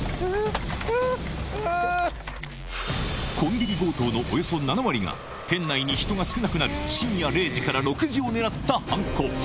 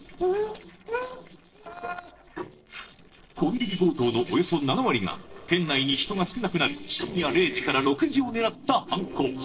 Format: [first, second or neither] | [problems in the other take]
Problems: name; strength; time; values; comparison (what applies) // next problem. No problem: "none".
first | noise reduction (neural separator model SepFormer DNS4)